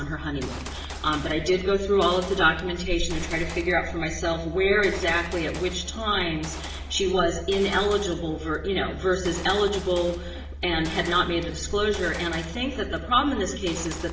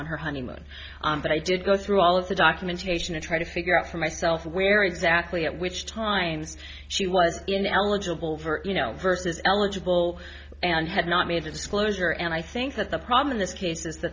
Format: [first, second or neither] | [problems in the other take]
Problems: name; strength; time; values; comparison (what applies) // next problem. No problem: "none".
second | background sound (Gunshot, gunfire); 17 dB below the speech // room echo; dies away in 0.8 s